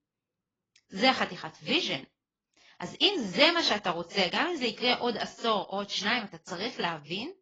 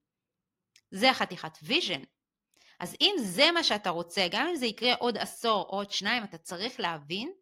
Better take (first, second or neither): second